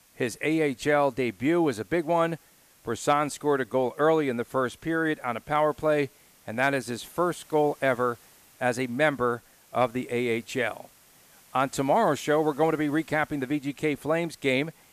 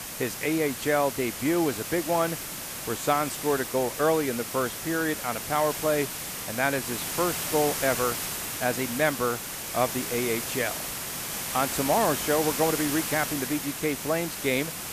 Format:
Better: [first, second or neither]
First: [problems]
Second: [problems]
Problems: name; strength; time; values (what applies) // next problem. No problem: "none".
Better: first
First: hiss; faint; throughout; 30 dB below the speech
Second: hiss; loud; throughout; 4 dB below the speech